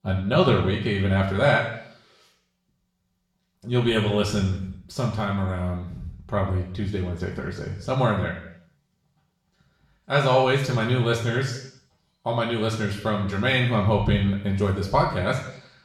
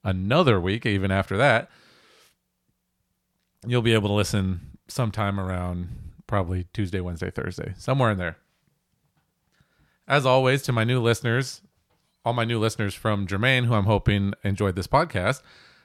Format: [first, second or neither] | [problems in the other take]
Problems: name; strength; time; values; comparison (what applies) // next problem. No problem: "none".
second | room echo; noticeable; dies away in 0.7 s // off-mic speech; far